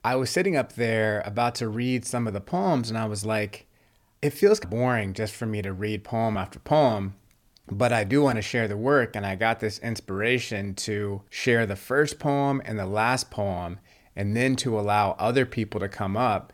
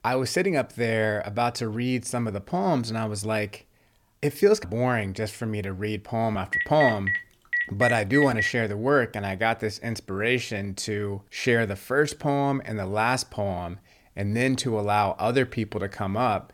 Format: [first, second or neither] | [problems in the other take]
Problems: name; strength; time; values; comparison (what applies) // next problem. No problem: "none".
first | phone ringing; loud; from 6.5 to 8.5 s; peak 1 dB above the speech